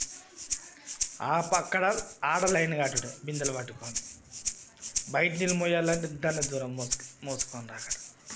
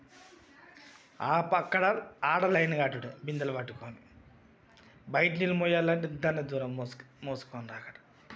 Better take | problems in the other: second | background sound (Rattle (instrument)); 6 dB below the speech

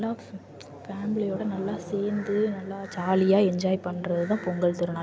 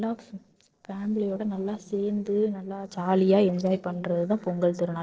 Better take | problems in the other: first | noise reduction (neural separator model SepFormer DNS4)

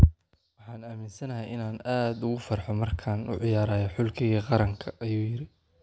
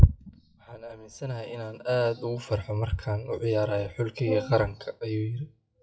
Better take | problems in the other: first | noise reduction (classical method WPE with log-MMSE)

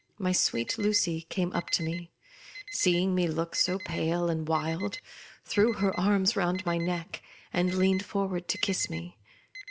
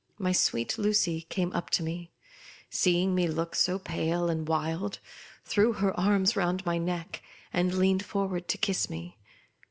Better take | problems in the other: second | background sound (Alarm); 17 dB below the speech

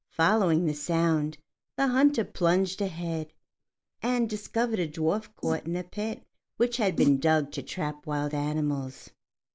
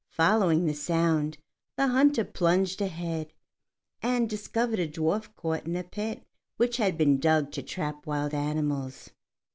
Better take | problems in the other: second | noise reduction (neural mask model Resemble Enhance denoiser)

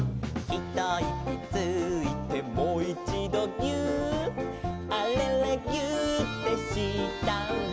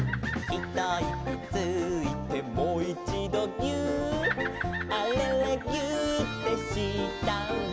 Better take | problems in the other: first | background sound (Bird vocalization, bird call, bird song); 12 dB below the speech

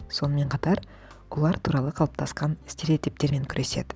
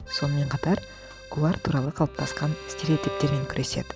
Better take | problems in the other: first | background sound (Accordion + Bowed string instrument); 11 dB below the speech

